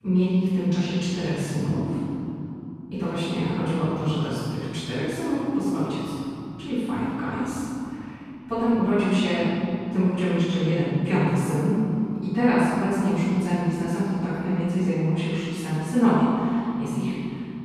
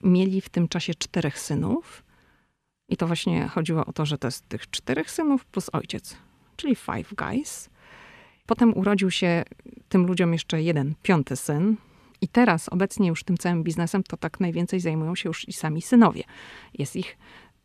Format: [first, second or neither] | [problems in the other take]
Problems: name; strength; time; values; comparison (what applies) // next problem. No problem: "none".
second | off-mic speech; far // room echo; strong; dies away in 3 s